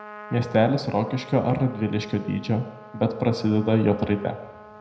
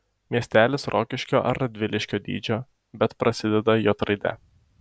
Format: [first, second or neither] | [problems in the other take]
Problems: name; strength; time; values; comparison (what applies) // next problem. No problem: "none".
second | background sound (Trumpet); 19 dB below the speech // room echo; dies away in 0.7 s